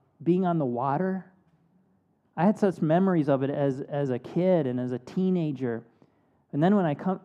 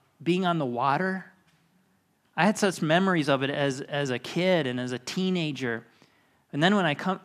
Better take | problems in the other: second | muffled; very; fading above 1.5 kHz

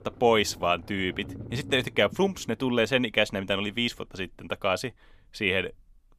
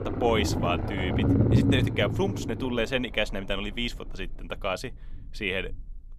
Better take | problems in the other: first | low rumble; loud; throughout; 3 dB below the speech; faint in the first

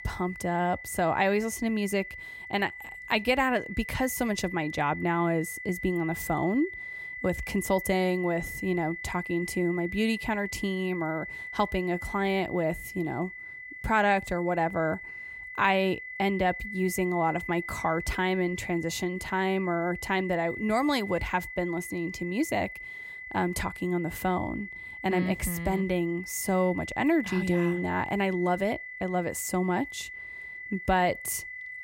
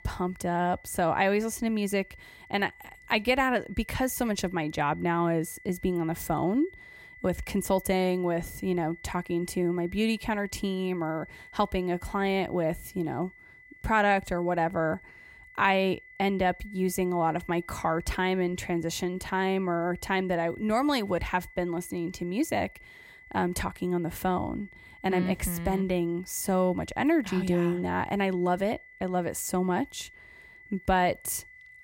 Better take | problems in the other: second | high-pitched whine; loud; throughout; 2 kHz, 9 dB below the speech; faint in the second

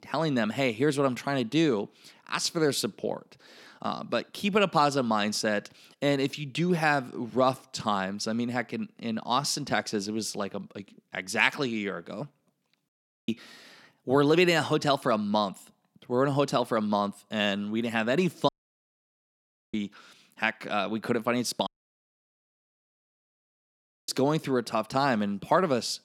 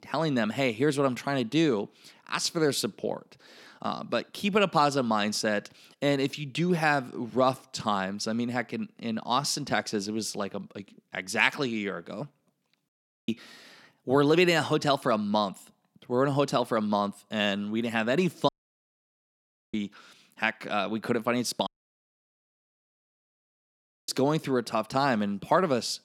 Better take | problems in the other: neither | audio cutting out; at 13 s, at 18 s for 1.5 s and at 22 s for 2.5 s; the same in both

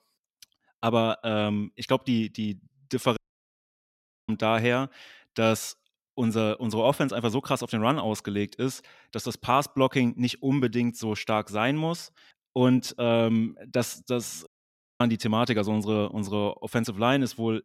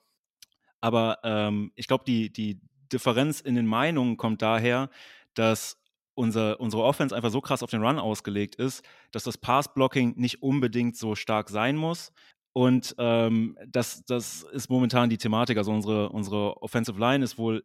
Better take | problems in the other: second | audio cutting out; at 3 s for 1 s and at 14 s for 0.5 s

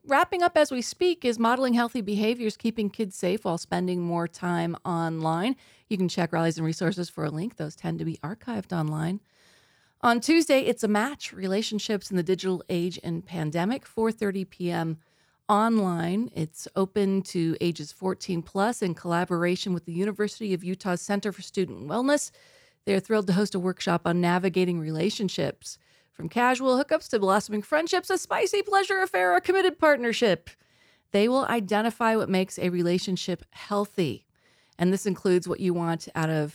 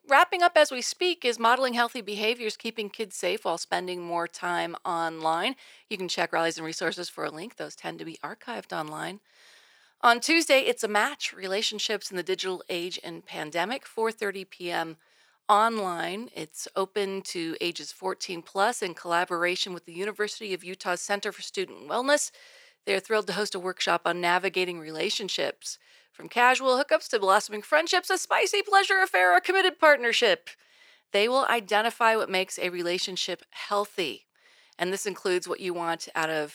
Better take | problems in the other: first | thin; somewhat; fading below 500 Hz

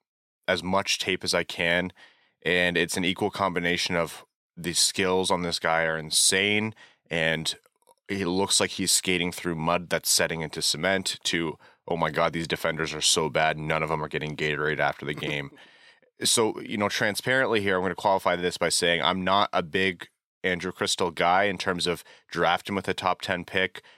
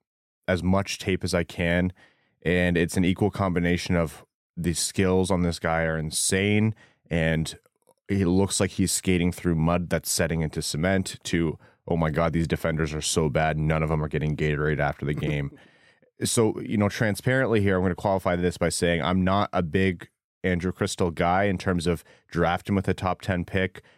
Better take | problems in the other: second | thin; somewhat; fading below 550 Hz

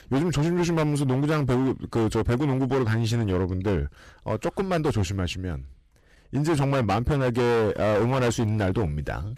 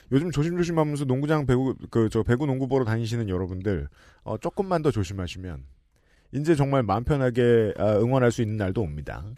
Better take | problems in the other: second | distortion; heavy; 22% of the sound clipped

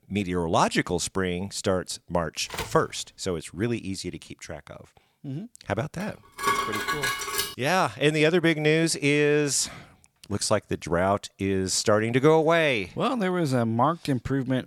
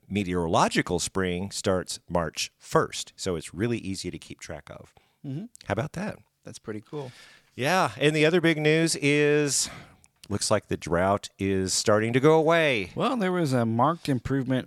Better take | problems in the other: second | phone ringing; noticeable; at 2.5 s; peak 10 dB below the speech // clattering dishes; noticeable; from 6.5 to 7.5 s; peak 1 dB below the speech

